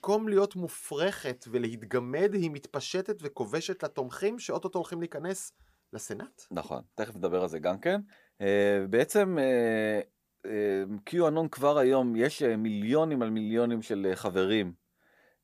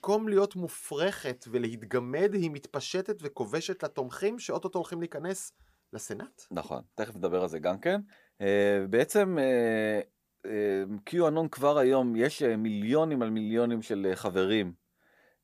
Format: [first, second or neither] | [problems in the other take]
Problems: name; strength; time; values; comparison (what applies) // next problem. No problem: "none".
neither | none